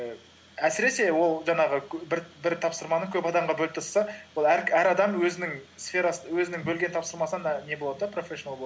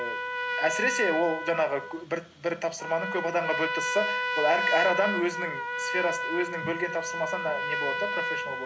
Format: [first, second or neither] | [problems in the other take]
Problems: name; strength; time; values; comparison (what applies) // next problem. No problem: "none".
first | background sound (Trumpet); 2 dB below the speech